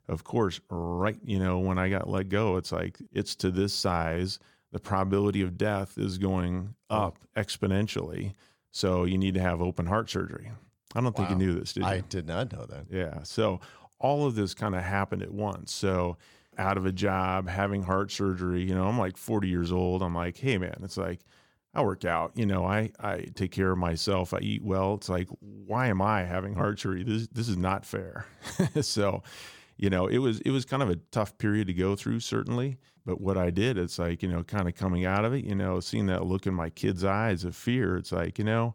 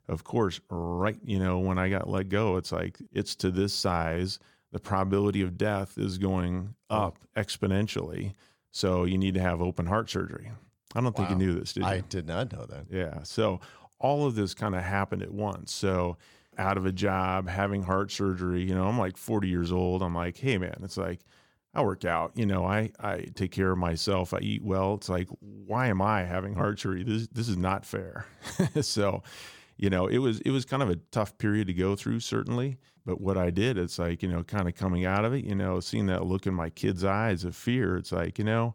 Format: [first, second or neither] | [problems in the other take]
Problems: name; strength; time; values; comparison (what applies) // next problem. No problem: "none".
neither | none